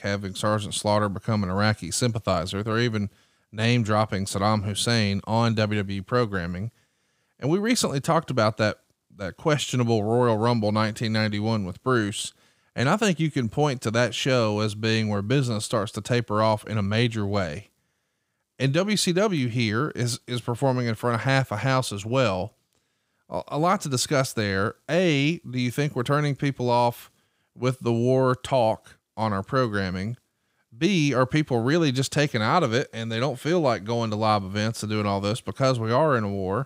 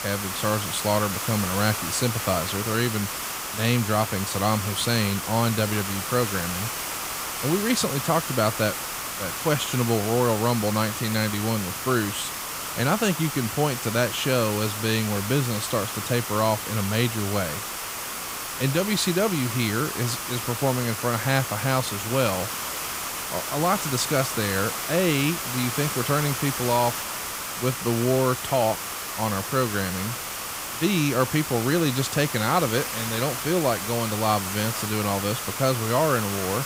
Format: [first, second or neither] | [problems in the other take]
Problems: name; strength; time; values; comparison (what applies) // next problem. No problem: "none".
first | hiss; loud; throughout; 4 dB below the speech